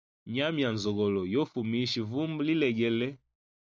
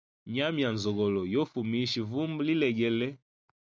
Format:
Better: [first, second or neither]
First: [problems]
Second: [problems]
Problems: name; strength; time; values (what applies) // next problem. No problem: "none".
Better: second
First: noise reduction (neural mask model Resemble Enhance denoiser)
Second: none